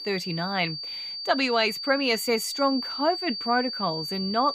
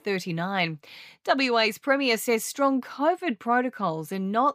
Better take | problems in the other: second | high-pitched whine; loud; throughout; 4.5 kHz, 5 dB below the speech

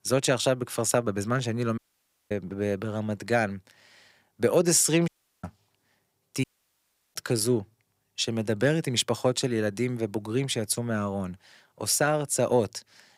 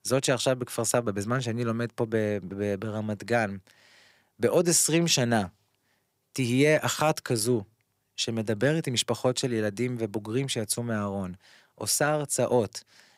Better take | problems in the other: second | audio cutting out; at 2 s for 0.5 s, at 5 s and at 6.5 s for 0.5 s

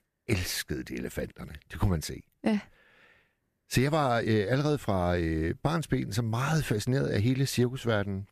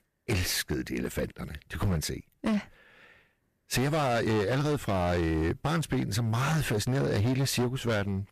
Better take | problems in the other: first | distortion; heavy; 16% of the sound clipped

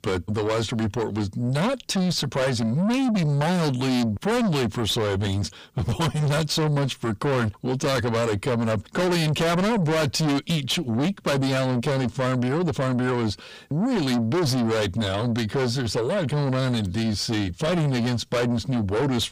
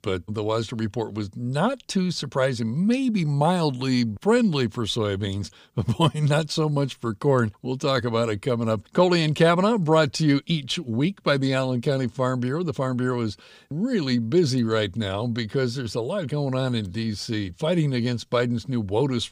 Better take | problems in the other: second | distortion; heavy; 5 dB below the speech

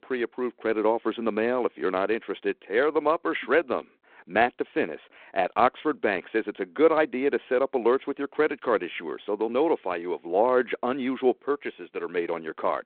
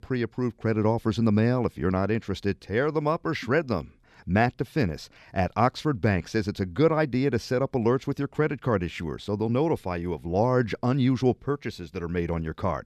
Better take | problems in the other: second | phone-call audio; nothing above 4 kHz

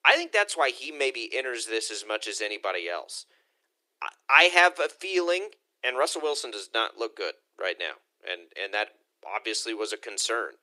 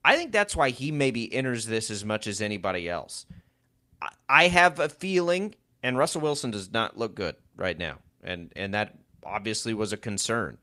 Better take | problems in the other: second | thin; very; fading below 350 Hz

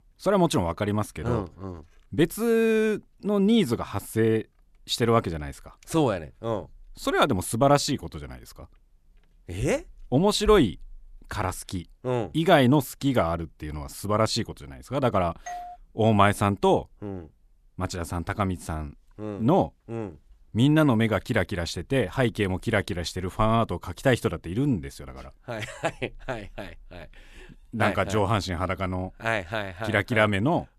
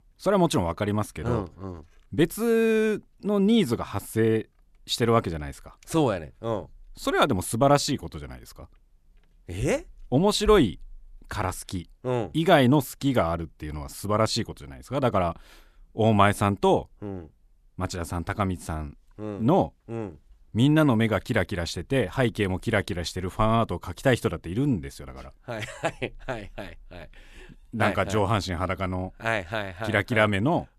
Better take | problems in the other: second | doorbell; faint; at 15 s; peak 15 dB below the speech

